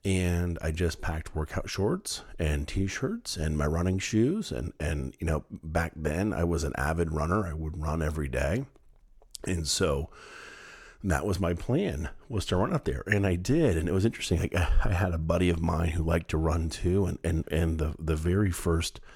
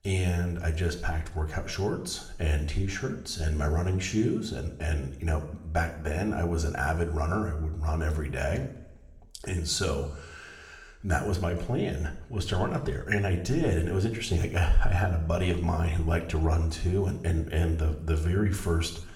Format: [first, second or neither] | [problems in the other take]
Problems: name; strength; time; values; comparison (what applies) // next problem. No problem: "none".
first | room echo; slight; dies away in 0.8 s